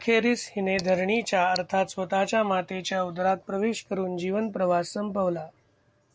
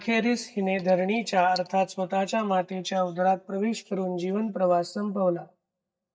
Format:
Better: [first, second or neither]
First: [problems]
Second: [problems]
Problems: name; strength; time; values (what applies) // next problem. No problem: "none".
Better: first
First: none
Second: noise reduction (neural mask model DeepFilterNet 3)